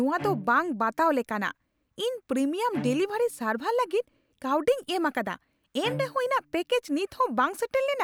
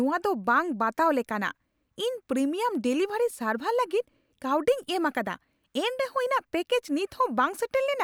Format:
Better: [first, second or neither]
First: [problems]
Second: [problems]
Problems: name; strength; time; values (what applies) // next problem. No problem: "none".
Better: second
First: background sound (Bowed string instrument); 14 dB below the speech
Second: none